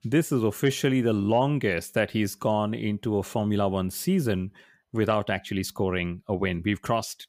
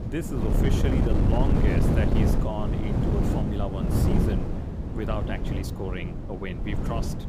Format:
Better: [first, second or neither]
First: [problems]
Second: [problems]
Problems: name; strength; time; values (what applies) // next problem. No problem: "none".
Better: first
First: none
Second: wind noise on the microphone; heavy; 2 dB above the speech